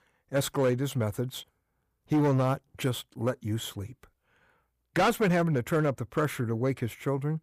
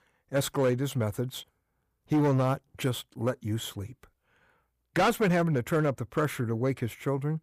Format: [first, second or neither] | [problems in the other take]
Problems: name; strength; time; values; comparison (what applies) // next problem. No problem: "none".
neither | distortion; slight; 4% of the sound clipped; the same in both